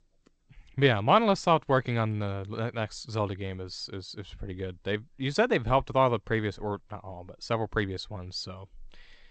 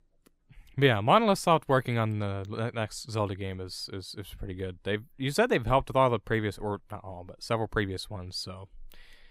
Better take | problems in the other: second | garbled, watery; slightly; nothing above 8 kHz

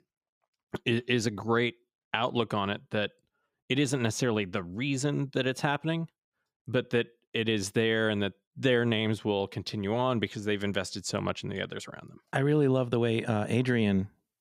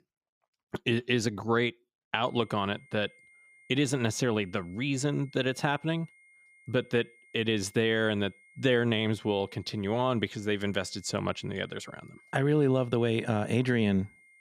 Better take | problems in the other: first | high-pitched whine; faint; from 2.5 s on; 2 kHz, 30 dB below the speech

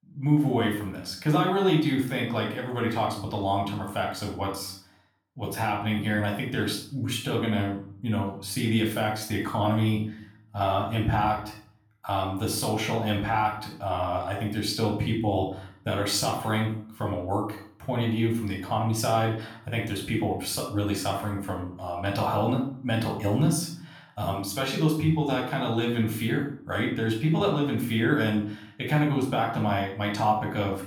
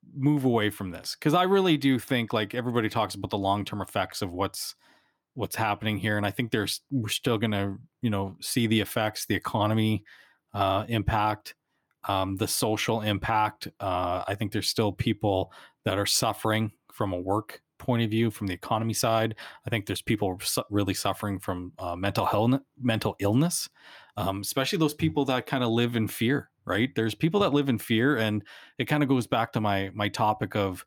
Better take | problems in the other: second | room echo; noticeable; dies away in 0.4 s // off-mic speech; somewhat distant

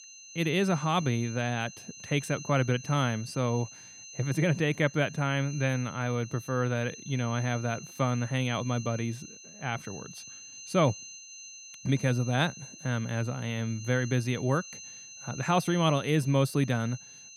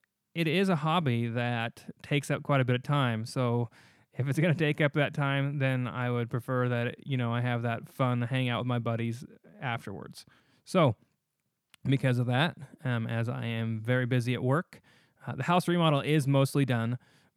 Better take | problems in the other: second | high-pitched whine; noticeable; throughout; 6 kHz, 15 dB below the speech

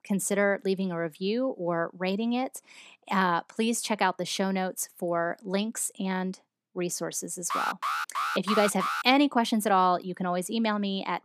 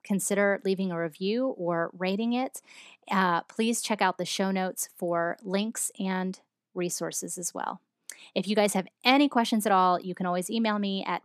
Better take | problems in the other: second | alarm; noticeable; from 7.5 to 9 s; peak 2 dB below the speech

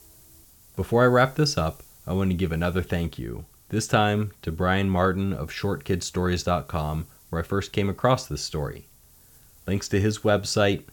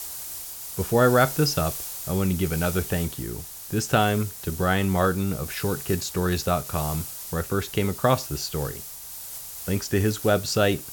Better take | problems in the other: first | hiss; loud; throughout; 9 dB below the speech; faint in the first

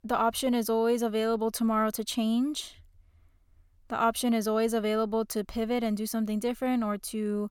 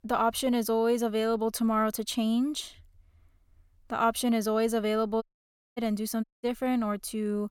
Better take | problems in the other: first | audio cutting out; at 5 s for 0.5 s and at 6 s

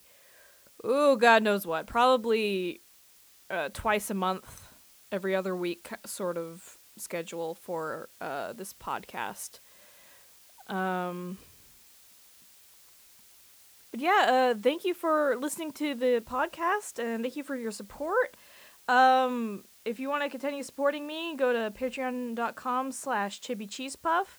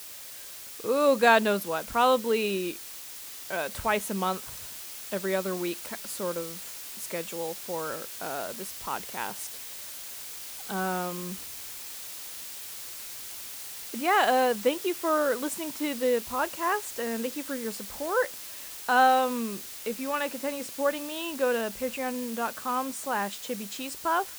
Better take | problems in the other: first | hiss; loud; throughout; 9 dB below the speech; faint in the first

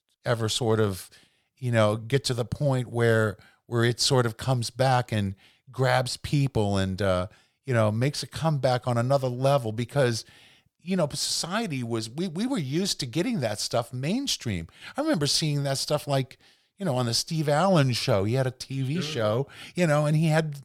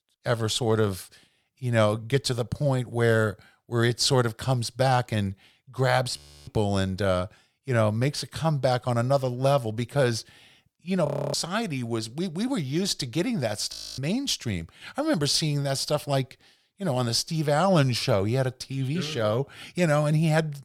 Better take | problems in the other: first | audio freezing; at 6 s, at 11 s and at 14 s

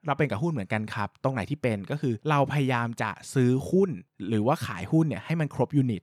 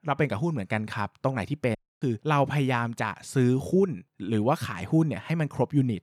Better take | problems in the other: first | audio cutting out; at 2 s

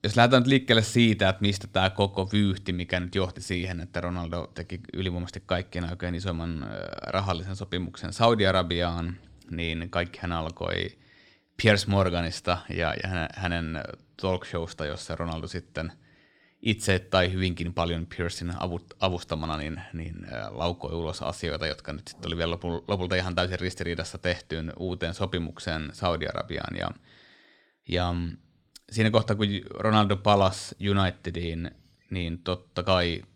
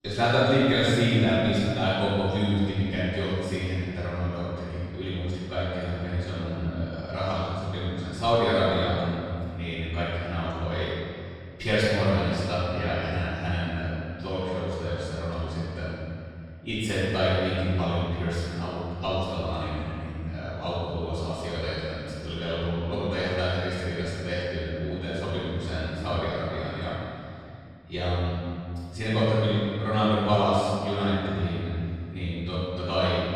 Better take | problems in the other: first | off-mic speech; far // room echo; strong; dies away in 2.5 s

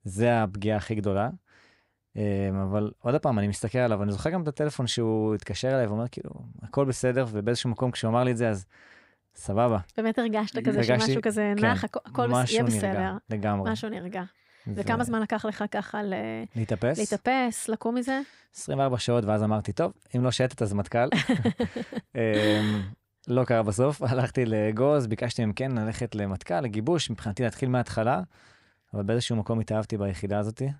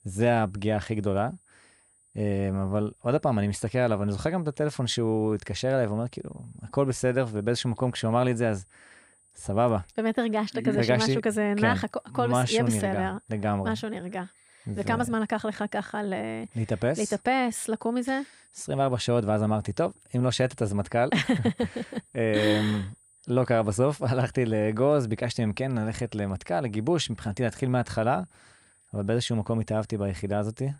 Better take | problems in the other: first | high-pitched whine; faint; throughout; 9 kHz, 30 dB below the speech

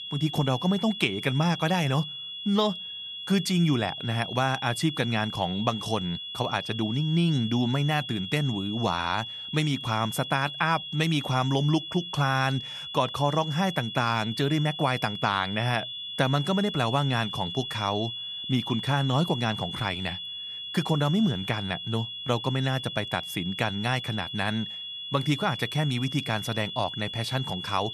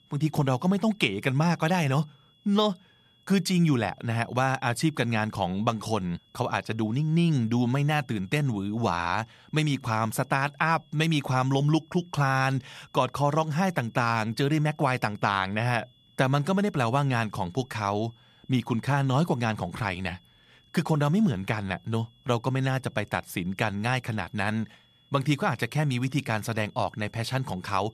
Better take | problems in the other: second | high-pitched whine; loud; throughout; 3.5 kHz, 7 dB below the speech; faint in the second

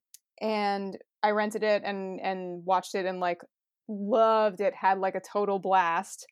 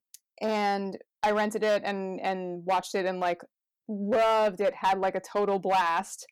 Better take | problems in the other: first | distortion; slight; 6% of the sound clipped

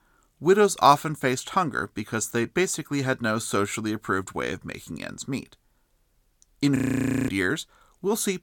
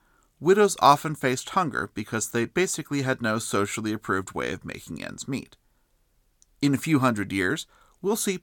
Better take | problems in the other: second | audio freezing; at 7 s for 0.5 s

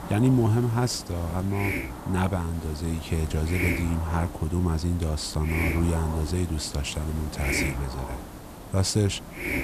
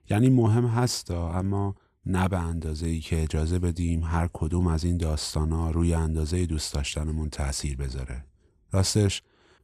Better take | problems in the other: second | hiss; loud; throughout; 7 dB below the speech

